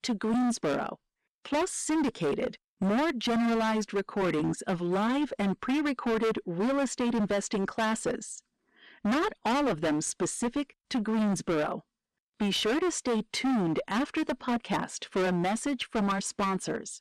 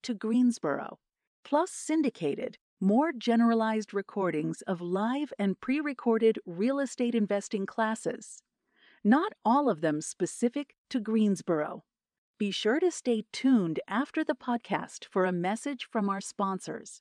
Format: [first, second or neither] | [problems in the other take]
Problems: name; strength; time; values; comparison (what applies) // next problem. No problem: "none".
second | distortion; heavy; 23% of the sound clipped